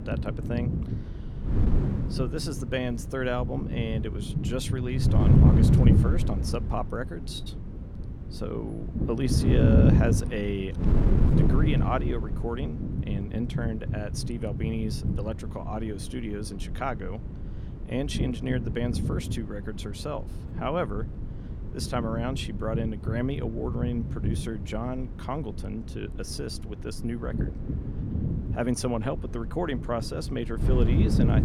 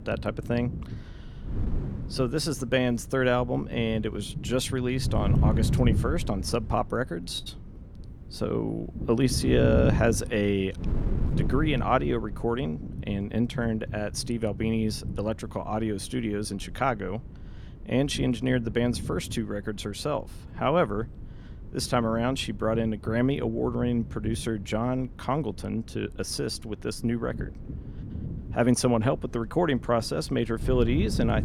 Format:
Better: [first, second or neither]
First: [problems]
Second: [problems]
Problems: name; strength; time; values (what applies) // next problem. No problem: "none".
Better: second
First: wind noise on the microphone; heavy; 3 dB below the speech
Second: wind noise on the microphone; occasional gusts; 15 dB below the speech